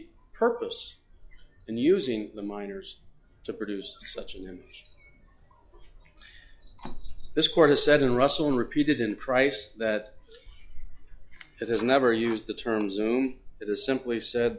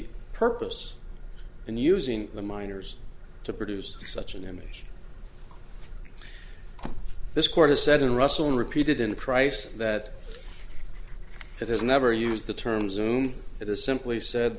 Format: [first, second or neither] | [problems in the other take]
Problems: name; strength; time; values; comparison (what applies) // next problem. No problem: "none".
second | noise reduction (classical method log-MMSE)